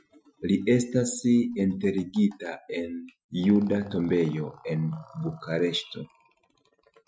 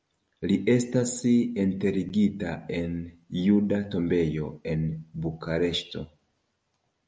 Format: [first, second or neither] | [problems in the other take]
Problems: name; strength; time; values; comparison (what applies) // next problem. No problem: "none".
second | noise reduction (classical method Wiener filter)